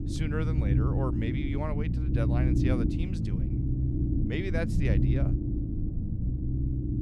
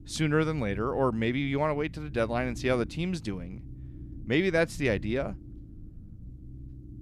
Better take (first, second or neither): second